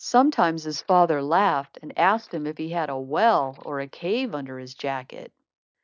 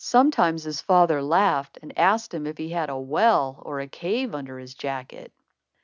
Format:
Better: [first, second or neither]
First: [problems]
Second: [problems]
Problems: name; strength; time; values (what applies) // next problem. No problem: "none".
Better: second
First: noise reduction (neural mask model Resemble Enhance denoiser)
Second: none